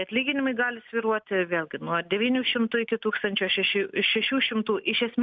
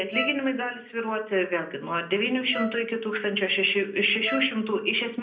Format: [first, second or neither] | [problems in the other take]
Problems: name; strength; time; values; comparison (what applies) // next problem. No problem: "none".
first | background sound (Wind instrument, woodwind instrument); 11 dB below the speech // room echo; dies away in 0.5 s